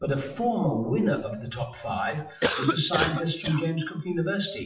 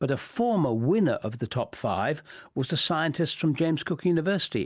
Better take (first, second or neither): second